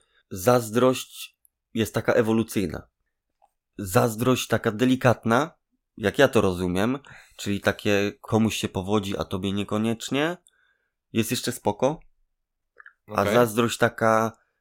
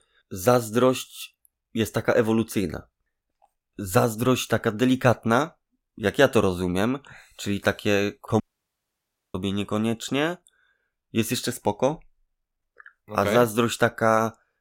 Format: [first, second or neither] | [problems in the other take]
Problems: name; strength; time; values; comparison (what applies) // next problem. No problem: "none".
first | audio cutting out; at 8.5 s for 1 s